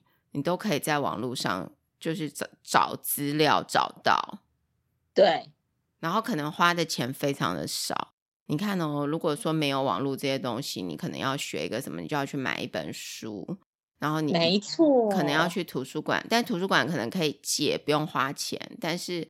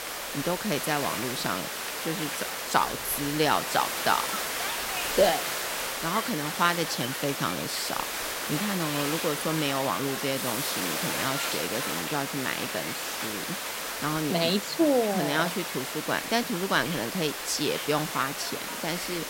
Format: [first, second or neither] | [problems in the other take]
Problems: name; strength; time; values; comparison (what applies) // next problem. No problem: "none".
first | hiss; loud; throughout; 2 dB below the speech